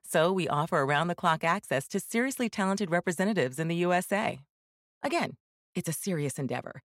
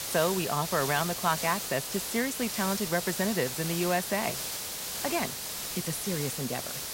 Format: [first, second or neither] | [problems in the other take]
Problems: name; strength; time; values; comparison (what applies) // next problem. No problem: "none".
first | hiss; loud; throughout; 2 dB below the speech